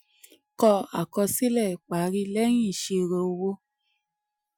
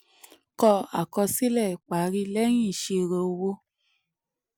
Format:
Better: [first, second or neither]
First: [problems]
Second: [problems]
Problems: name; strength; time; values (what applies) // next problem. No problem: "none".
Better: second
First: noise reduction (classical method Wiener filter)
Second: none